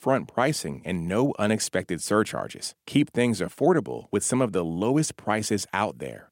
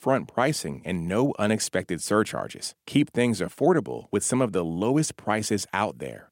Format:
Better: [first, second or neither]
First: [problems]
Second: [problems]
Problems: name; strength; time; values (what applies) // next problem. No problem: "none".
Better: neither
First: none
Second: none